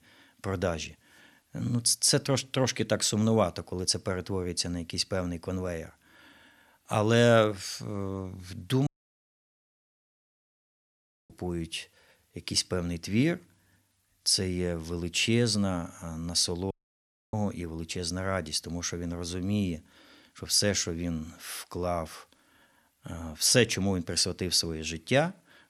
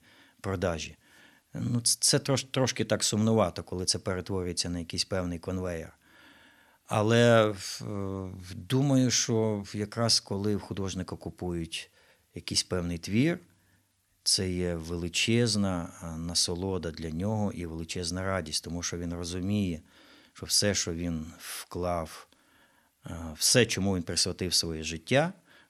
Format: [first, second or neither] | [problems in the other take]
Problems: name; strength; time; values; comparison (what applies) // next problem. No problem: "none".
second | audio cutting out; at 9 s for 2.5 s and at 17 s for 0.5 s